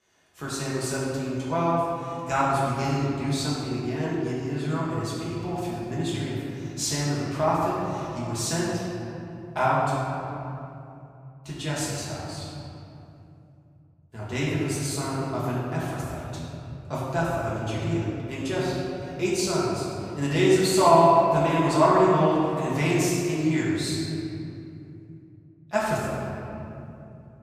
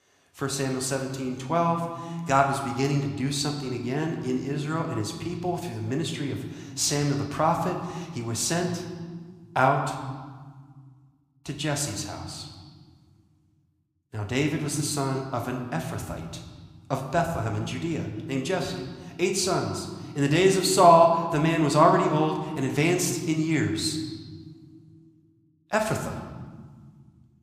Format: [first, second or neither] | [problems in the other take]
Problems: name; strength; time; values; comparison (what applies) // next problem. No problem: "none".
second | room echo; strong; dies away in 3 s; slight in the second // off-mic speech; far